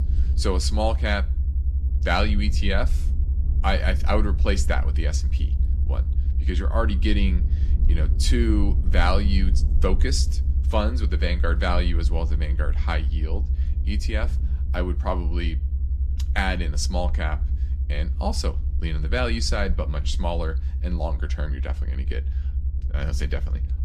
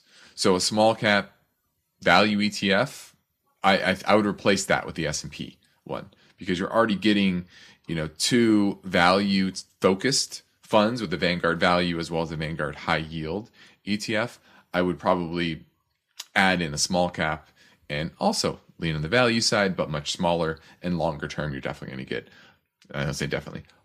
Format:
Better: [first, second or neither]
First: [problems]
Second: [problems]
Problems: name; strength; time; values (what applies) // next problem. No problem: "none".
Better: second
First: low rumble; noticeable; throughout; 15 dB below the speech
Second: none